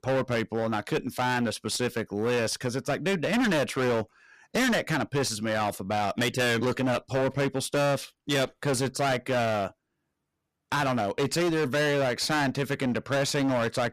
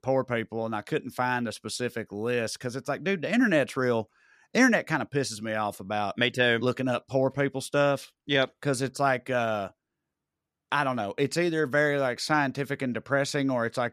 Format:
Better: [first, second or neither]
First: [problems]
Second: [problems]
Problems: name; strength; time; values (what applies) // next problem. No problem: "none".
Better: second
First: distortion; heavy; 23% of the sound clipped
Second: none